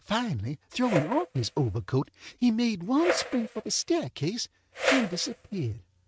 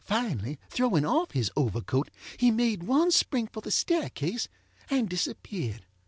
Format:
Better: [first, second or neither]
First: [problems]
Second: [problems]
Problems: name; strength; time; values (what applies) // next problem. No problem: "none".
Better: second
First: noise reduction (neural mask model RNNoise)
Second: none